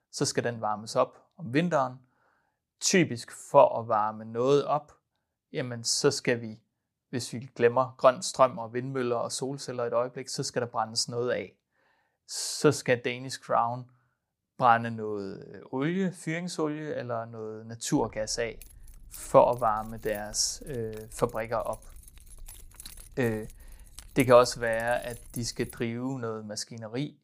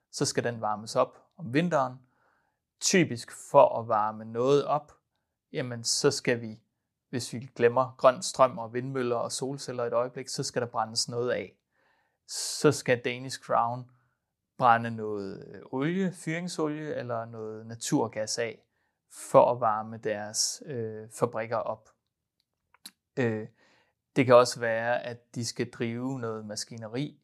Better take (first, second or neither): second